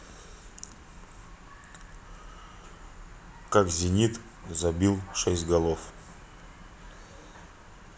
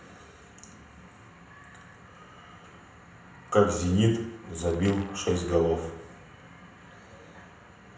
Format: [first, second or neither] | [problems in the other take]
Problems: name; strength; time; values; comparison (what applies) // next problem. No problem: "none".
first | background sound (Fart); 17 dB below the speech // room echo; dies away in 0.8 s